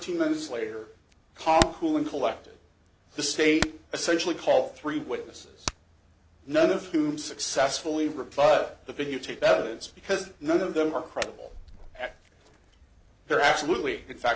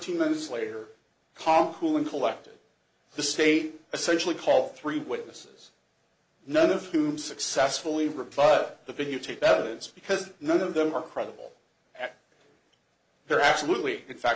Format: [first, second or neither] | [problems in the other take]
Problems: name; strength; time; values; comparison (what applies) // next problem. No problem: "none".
second | background sound (Hammer); 14 dB below the speech